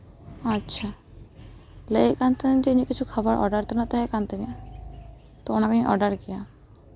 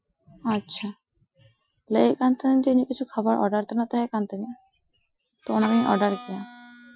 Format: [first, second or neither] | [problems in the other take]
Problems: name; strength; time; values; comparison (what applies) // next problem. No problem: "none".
first | noise reduction (classical method Wiener filter)